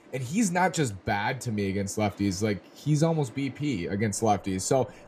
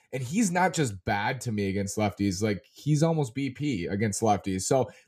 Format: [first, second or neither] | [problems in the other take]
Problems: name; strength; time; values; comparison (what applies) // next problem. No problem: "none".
second | rain or running water; faint; throughout; 25 dB below the speech